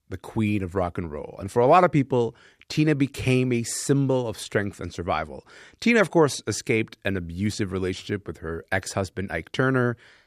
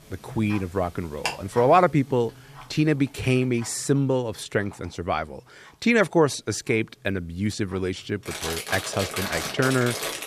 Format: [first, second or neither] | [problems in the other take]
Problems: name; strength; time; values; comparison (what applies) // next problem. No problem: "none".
first | household noises; loud; throughout; 7 dB below the speech